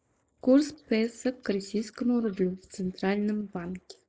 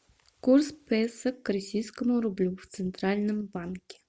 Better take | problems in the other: second | noise reduction (neural mask model Resemble Enhance denoiser)

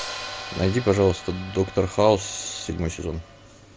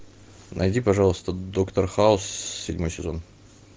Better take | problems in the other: second | background sound (Hi-hat); 14 dB below the speech

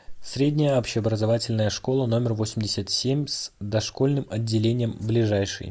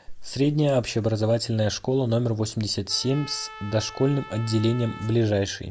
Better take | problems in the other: first | background sound (Trumpet); 19 dB below the speech

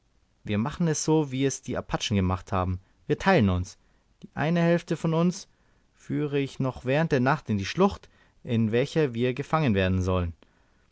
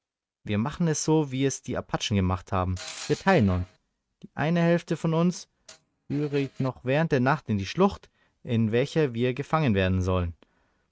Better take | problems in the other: first | noise reduction (neural mask model RNNoise)

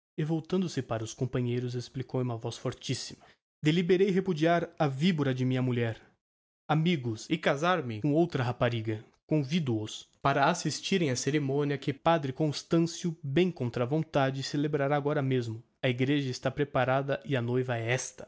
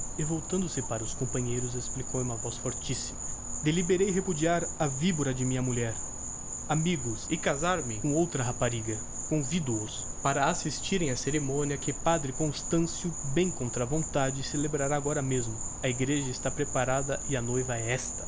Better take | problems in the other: first | background sound (Insect); 5 dB below the speech

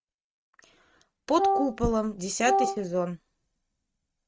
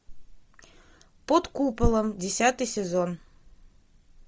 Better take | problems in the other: second | noise reduction (neural mask model RNNoise)

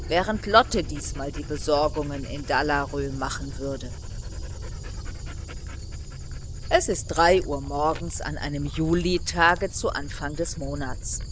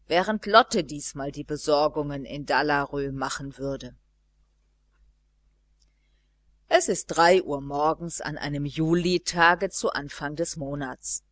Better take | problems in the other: second | background sound (Dog); 7 dB below the speech

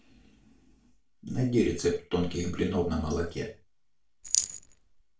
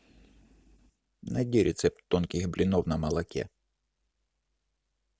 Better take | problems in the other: second | background sound (Rattle); as loud as the speech // room echo; dies away in 0.3 s

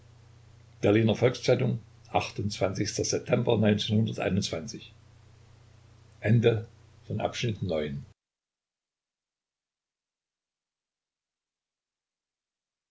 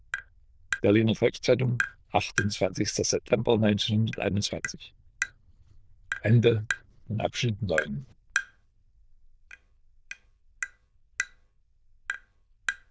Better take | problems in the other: first | noise reduction (neural diffusion model UNIVERSE++)

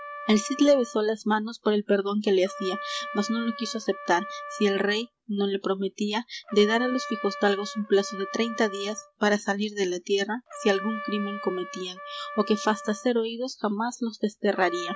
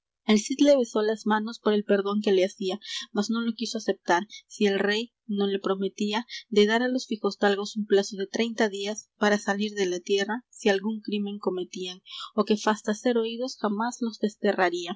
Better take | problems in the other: second | background sound (Trumpet); 13 dB below the speech

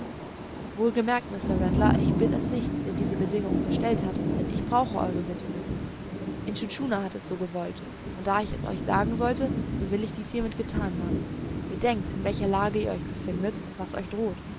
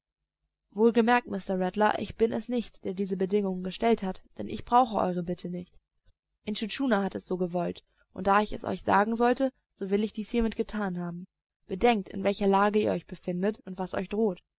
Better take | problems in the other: second | background sound (Thunder / Rain); as loud as the speech

